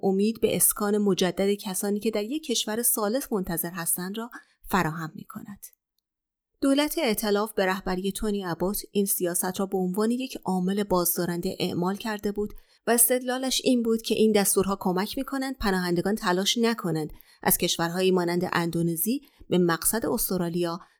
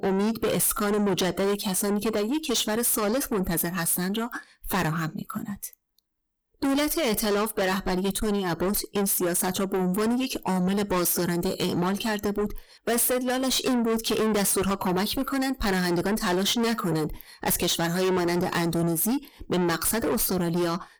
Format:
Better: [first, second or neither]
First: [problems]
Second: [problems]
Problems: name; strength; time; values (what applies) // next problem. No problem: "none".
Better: first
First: none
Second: distortion; heavy; 6 dB below the speech